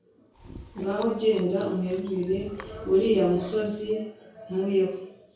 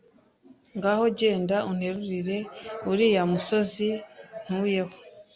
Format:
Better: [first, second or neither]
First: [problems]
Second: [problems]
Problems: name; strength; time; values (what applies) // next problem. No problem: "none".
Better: second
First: background sound (Chewing, mastication); 20 dB below the speech // room echo; dies away in 0.6 s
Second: none